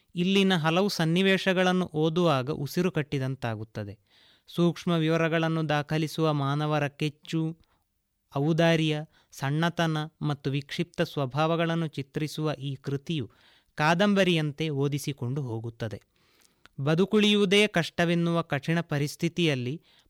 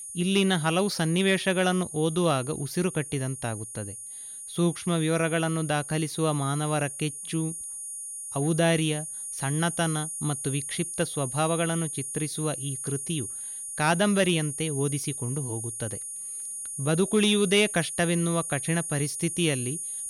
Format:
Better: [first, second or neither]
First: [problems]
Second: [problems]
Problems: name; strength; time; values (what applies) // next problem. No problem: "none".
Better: first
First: none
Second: high-pitched whine; loud; throughout; 9.5 kHz, 7 dB below the speech